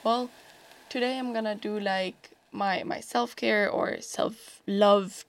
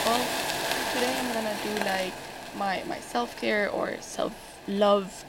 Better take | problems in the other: first | hiss; loud; throughout; 2 dB below the speech; faint in the first

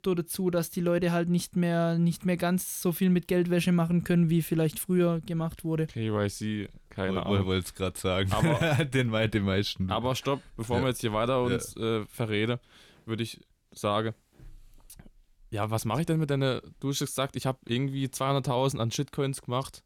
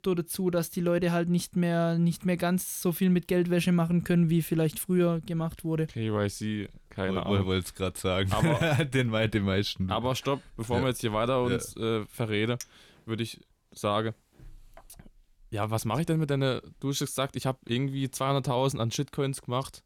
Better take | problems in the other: first | clattering dishes; faint; from 13 to 15 s; peak 15 dB below the speech

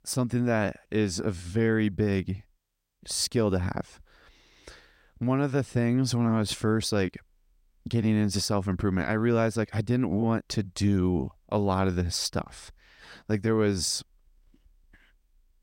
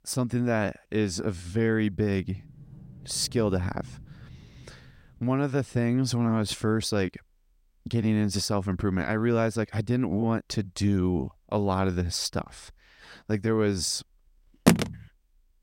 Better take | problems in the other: first | door banging; faint; from 2 to 5.5 s; peak 15 dB below the speech // phone ringing; loud; at 15 s; peak 5 dB above the speech

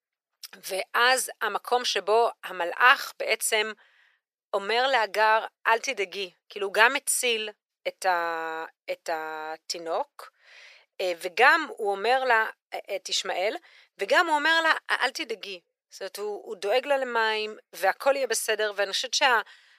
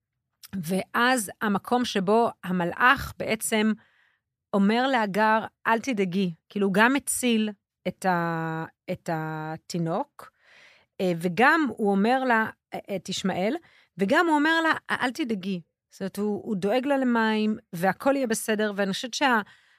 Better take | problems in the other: second | thin; very; fading below 450 Hz

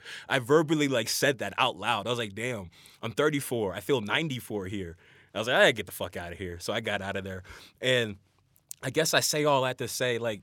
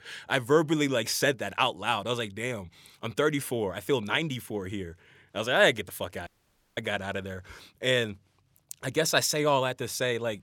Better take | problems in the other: first | audio cutting out; at 6.5 s for 0.5 s

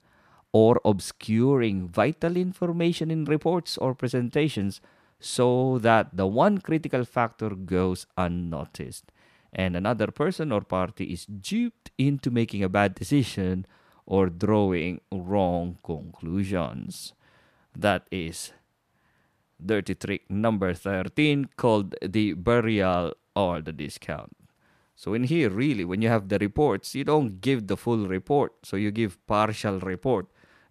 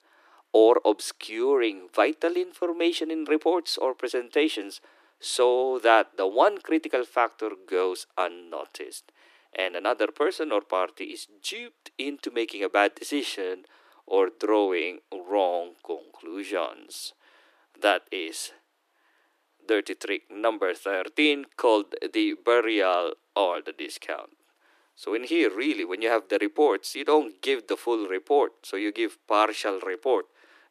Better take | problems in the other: first | thin; very; fading below 300 Hz

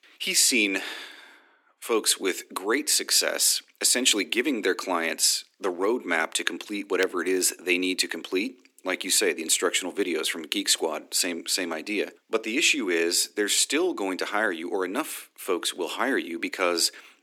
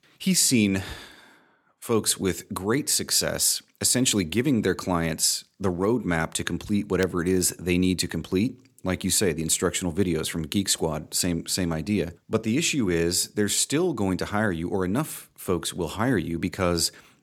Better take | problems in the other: second | thin; somewhat; fading below 300 Hz

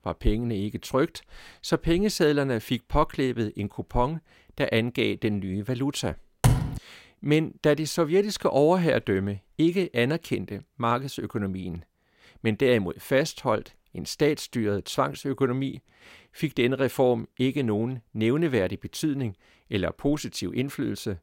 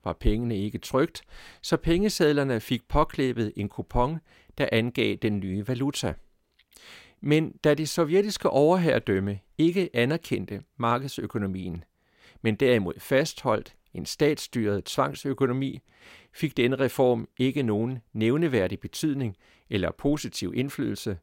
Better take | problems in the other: second | door banging; loud; at 6.5 s; peak 3 dB above the speech

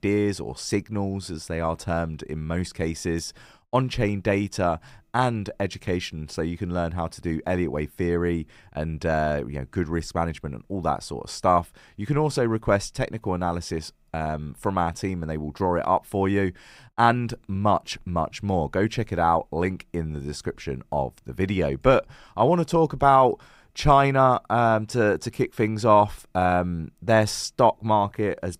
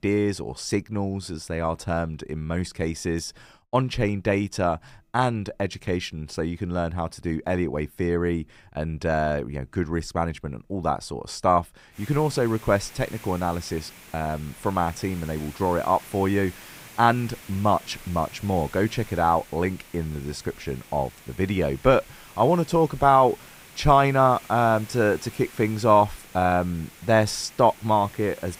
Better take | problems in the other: first | hiss; noticeable; from 12 s on; 20 dB below the speech

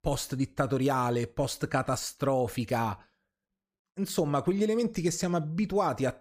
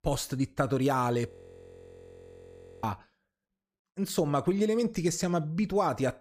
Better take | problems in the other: first | audio freezing; at 1.5 s for 1.5 s

